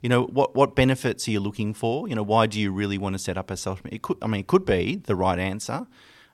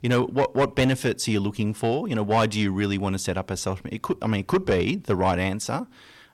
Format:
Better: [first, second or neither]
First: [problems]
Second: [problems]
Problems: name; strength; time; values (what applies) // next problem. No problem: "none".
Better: first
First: none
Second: distortion; slight; 10 dB below the speech